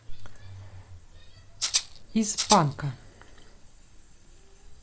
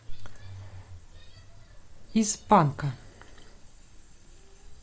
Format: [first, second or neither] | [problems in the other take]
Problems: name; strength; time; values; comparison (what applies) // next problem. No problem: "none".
second | background sound (Rattle (instrument)); 2 dB above the speech